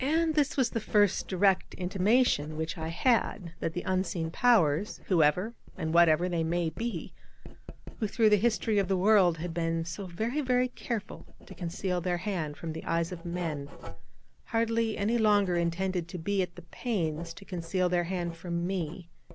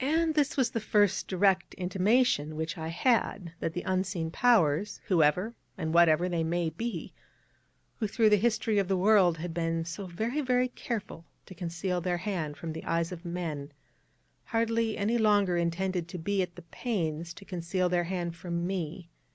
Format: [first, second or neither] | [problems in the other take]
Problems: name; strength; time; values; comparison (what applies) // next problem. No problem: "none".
second | background sound (Writing); 12 dB below the speech